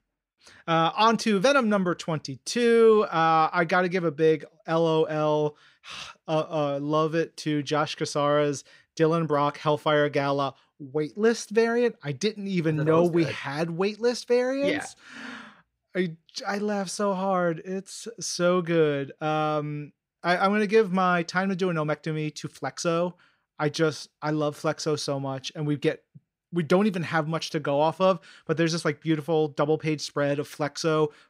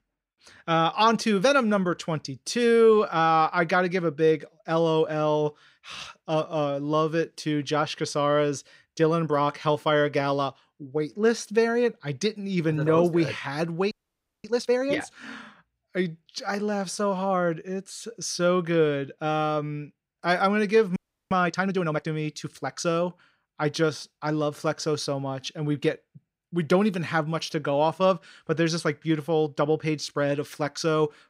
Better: first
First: none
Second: audio freezing; at 14 s for 0.5 s and at 21 s

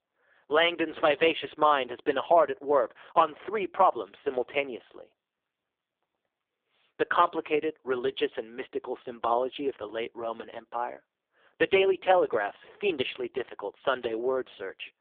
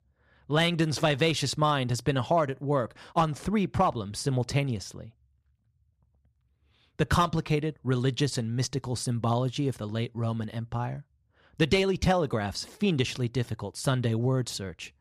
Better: second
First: phone-call audio; poor line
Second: none

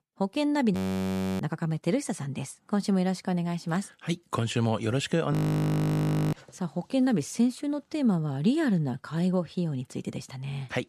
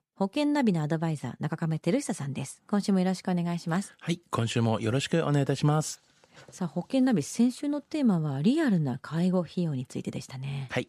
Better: second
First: audio freezing; at 1 s for 0.5 s and at 5.5 s for 1 s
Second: none

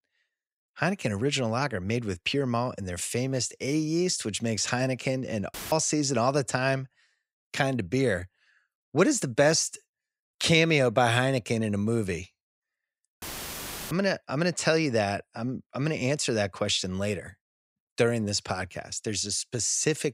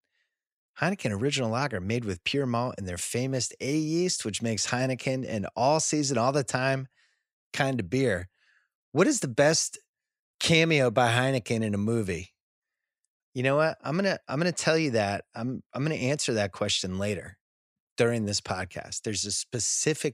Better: second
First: audio cutting out; filled with static; at 5.5 s and at 13 s for 0.5 s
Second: none

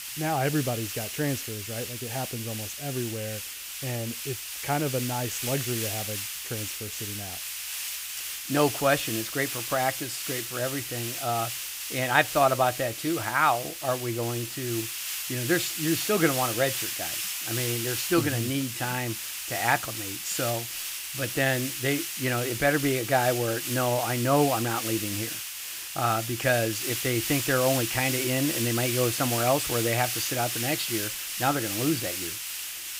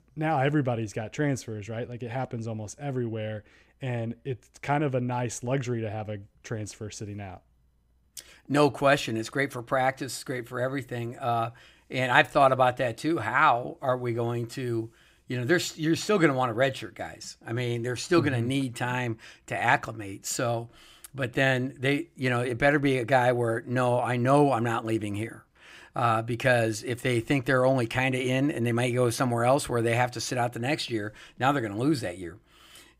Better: second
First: hiss; loud; throughout; 3 dB below the speech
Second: none

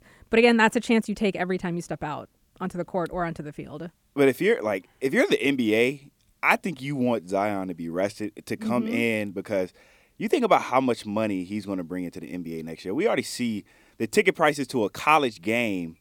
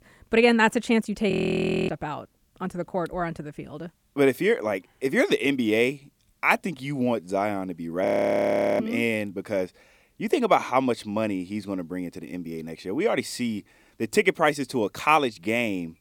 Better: first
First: none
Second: audio freezing; at 1.5 s for 0.5 s and at 8 s for 0.5 s

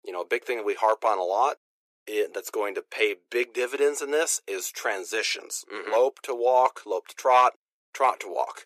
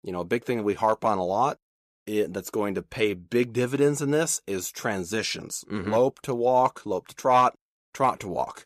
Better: second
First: thin; very; fading below 350 Hz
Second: none

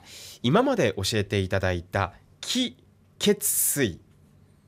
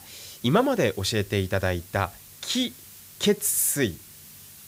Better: first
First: none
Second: hiss; noticeable; throughout; 20 dB below the speech

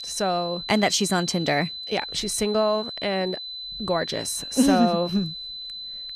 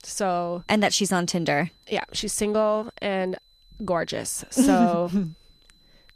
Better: second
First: high-pitched whine; loud; throughout; 4 kHz, 8 dB below the speech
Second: high-pitched whine; faint; throughout; 4 kHz, 35 dB below the speech

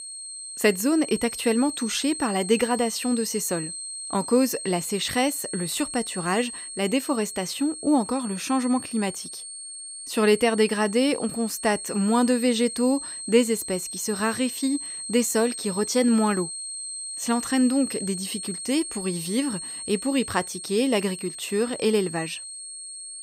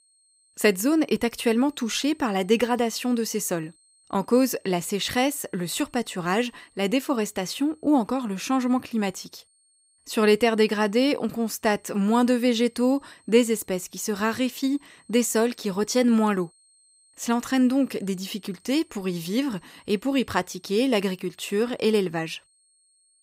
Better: second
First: high-pitched whine; loud; throughout; 8.5 kHz, 8 dB below the speech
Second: high-pitched whine; faint; throughout; 8.5 kHz, 35 dB below the speech

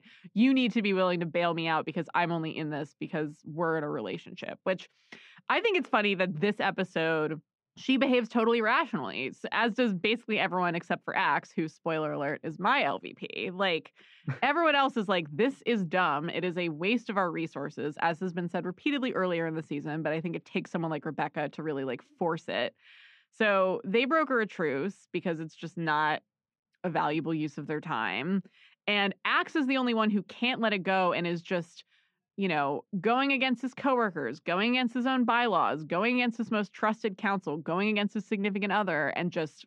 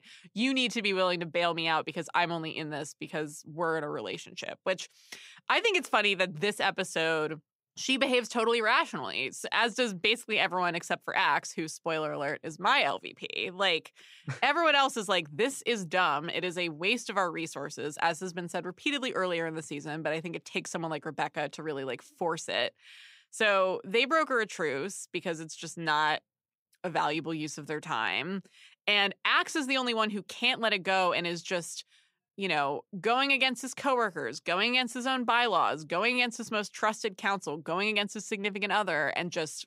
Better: second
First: muffled; slightly; fading above 2.5 kHz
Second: none

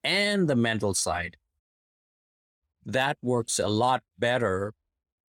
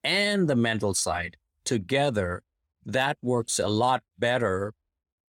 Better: second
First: audio cutting out; at 1.5 s for 1 s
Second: none

